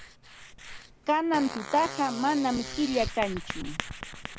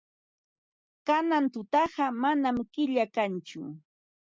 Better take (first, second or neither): second